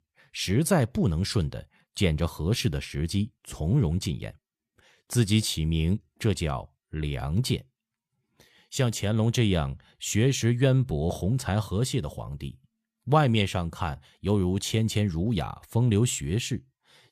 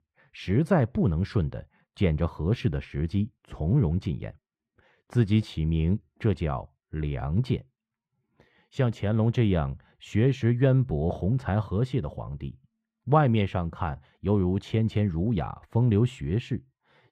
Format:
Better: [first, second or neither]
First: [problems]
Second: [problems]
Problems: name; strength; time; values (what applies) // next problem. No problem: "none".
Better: first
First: none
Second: muffled; very; fading above 4 kHz